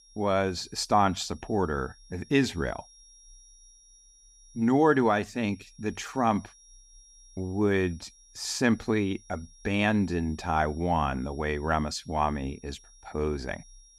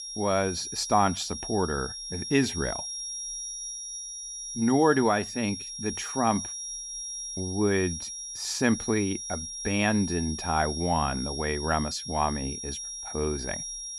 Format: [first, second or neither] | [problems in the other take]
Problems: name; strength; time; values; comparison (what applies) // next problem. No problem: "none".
first | high-pitched whine; loud; throughout; 5.5 kHz, 6 dB below the speech; faint in the first